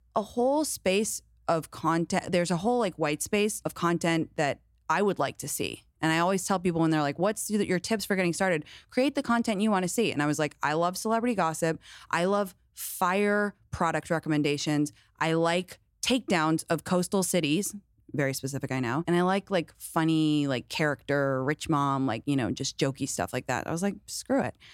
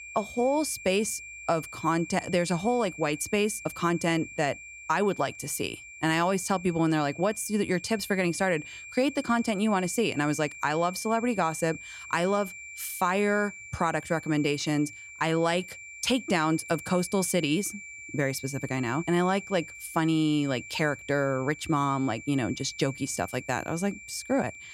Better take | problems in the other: first | high-pitched whine; noticeable; throughout; 2.5 kHz, 15 dB below the speech

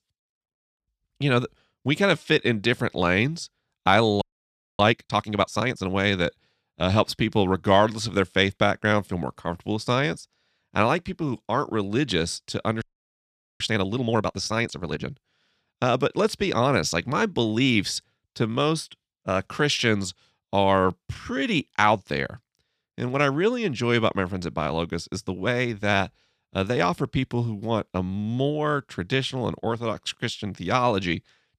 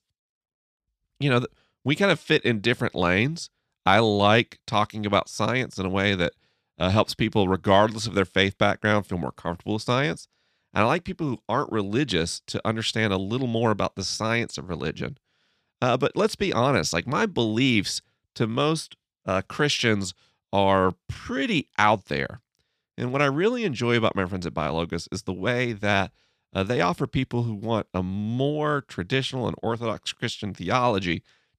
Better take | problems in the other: second | audio freezing; at 4 s for 0.5 s and at 13 s for 1 s

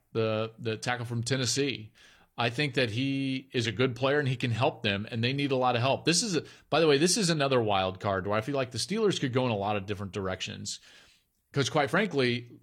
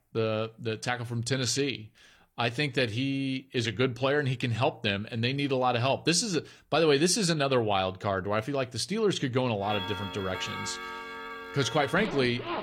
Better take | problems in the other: first | household noises; loud; from 9.5 s on; 9 dB below the speech

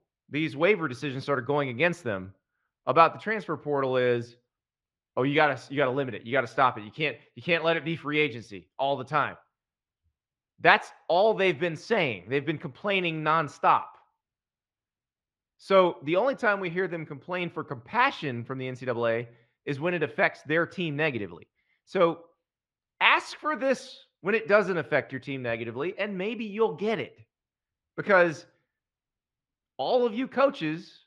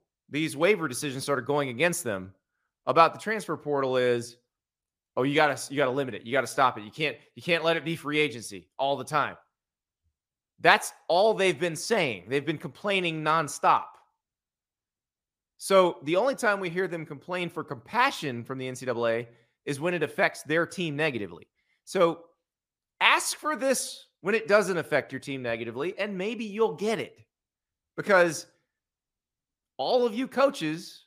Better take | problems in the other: second | muffled; slightly; fading above 3 kHz

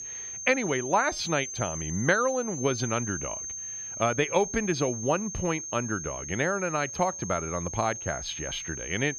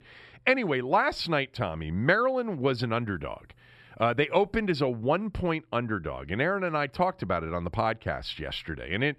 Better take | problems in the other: second | high-pitched whine; loud; throughout; 6.5 kHz, 6 dB below the speech

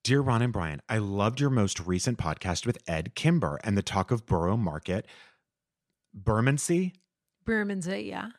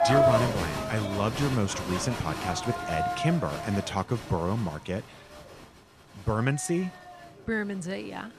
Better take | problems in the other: first | crowd noise; loud; throughout; 1 dB below the speech

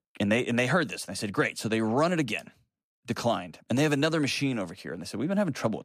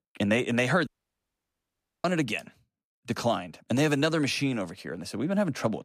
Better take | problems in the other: first | audio cutting out; at 1 s for 1 s

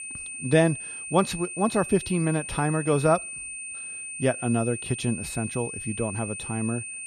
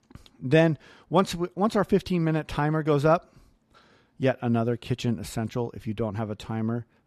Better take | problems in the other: second | high-pitched whine; loud; throughout; 9 kHz, 7 dB below the speech

